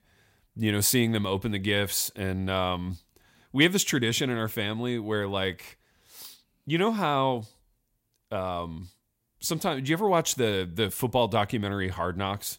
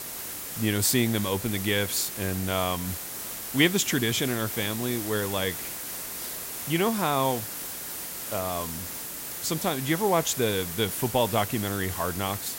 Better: first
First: none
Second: hiss; loud; throughout; 6 dB below the speech

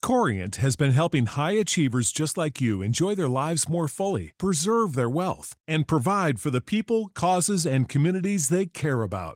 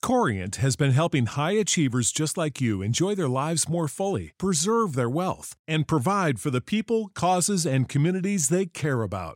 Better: second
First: garbled, watery; slightly; nothing above 16 kHz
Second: none

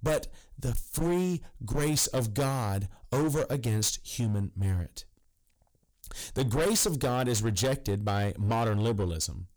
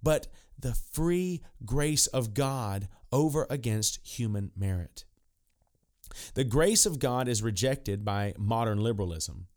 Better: second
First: distortion; heavy; 14% of the sound clipped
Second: none

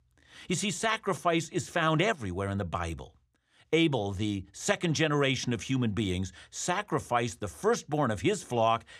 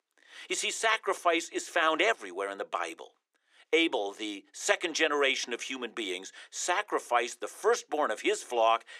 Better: first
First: none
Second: thin; very; fading below 350 Hz

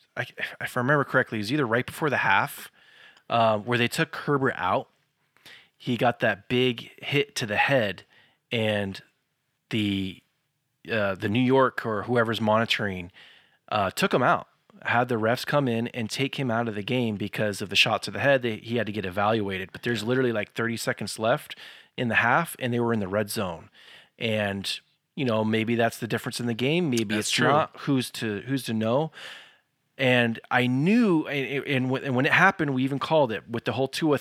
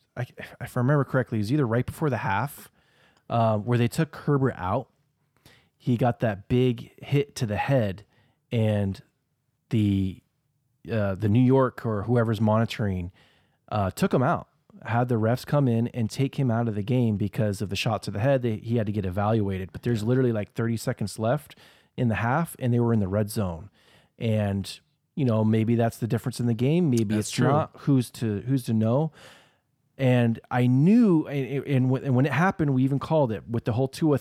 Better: second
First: thin; very slightly; fading below 700 Hz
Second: none

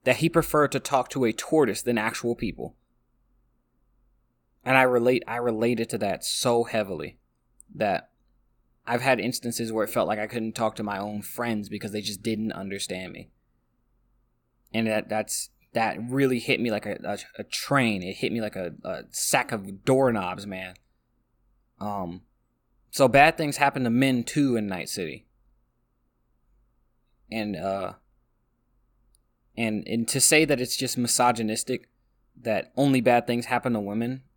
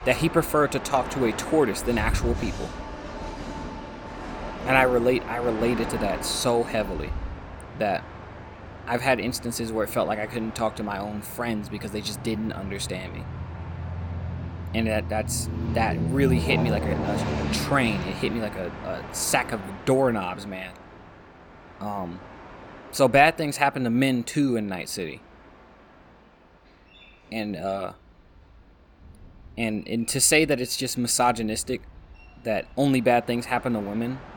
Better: first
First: none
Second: train or aircraft noise; loud; throughout; 8 dB below the speech

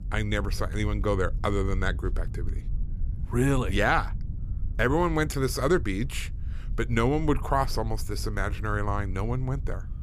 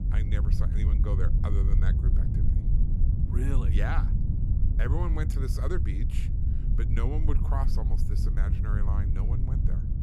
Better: first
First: low rumble; faint; throughout; 25 dB below the speech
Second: low rumble; loud; throughout; 3 dB below the speech

